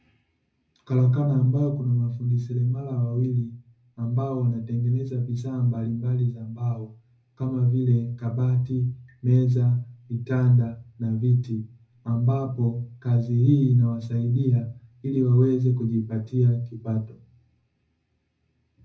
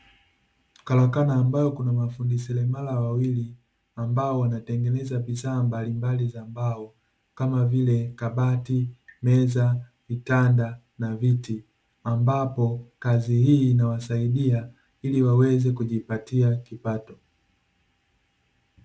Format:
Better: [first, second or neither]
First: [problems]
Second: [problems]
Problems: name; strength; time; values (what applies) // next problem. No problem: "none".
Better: second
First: room echo; dies away in 0.4 s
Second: none